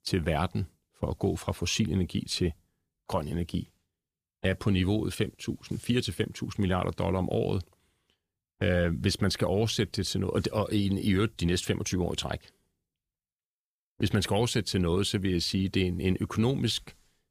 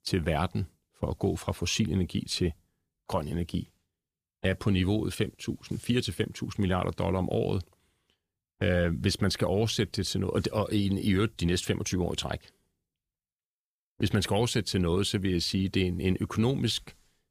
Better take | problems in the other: neither | none

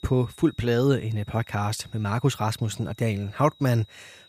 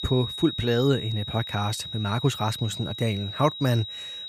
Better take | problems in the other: first | high-pitched whine; loud; throughout; 4 kHz, 7 dB below the speech; faint in the first

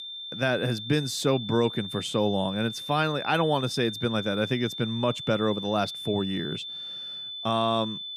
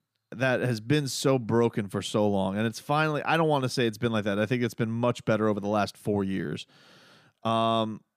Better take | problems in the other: second | high-pitched whine; loud; throughout; 3.5 kHz, 8 dB below the speech

